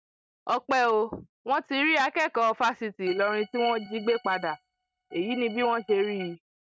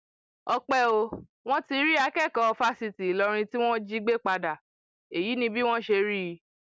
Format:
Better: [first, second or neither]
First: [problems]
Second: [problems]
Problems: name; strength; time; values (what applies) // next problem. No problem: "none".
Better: second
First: noise reduction (neural mask model RNNoise)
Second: none